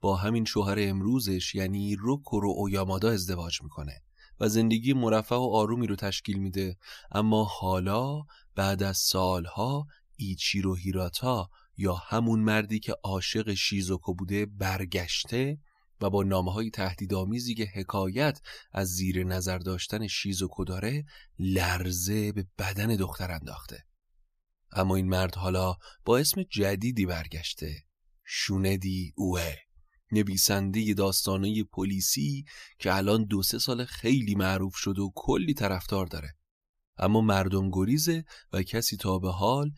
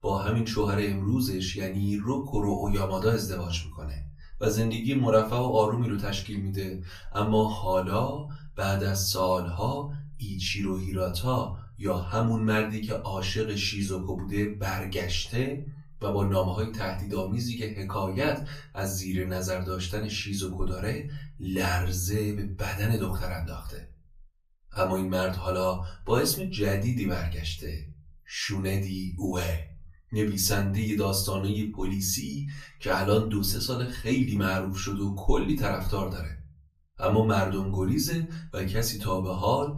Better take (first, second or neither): first